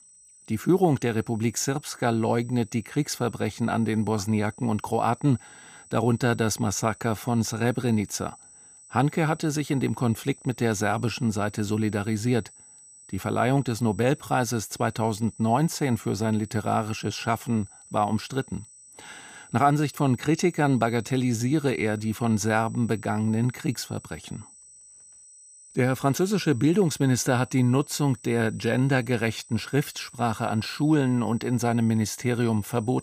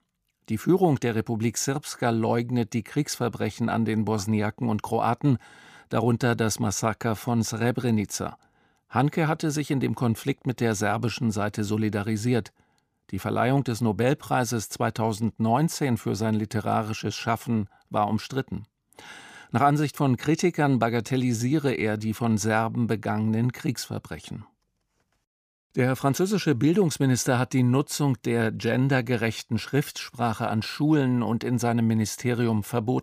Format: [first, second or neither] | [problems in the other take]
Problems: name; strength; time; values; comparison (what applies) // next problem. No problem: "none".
second | high-pitched whine; faint; throughout; 8 kHz, 20 dB below the speech